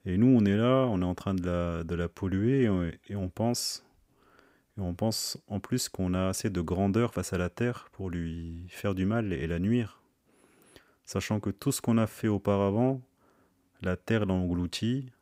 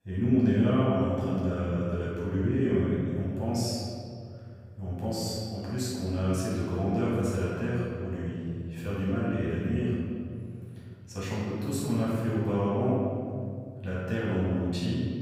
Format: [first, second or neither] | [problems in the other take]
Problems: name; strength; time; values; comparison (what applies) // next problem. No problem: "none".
first | room echo; strong; dies away in 2.4 s // off-mic speech; far